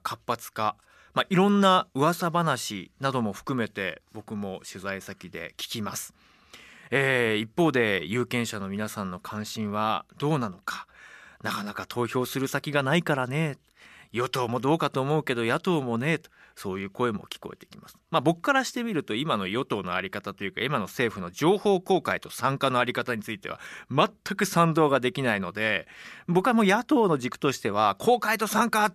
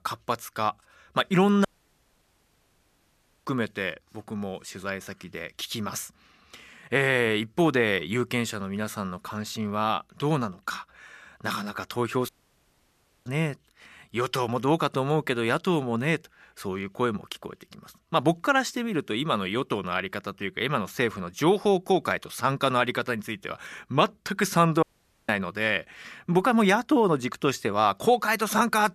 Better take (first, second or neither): first